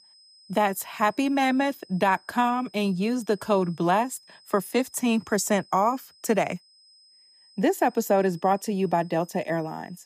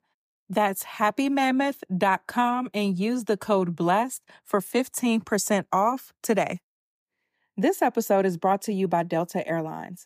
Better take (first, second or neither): second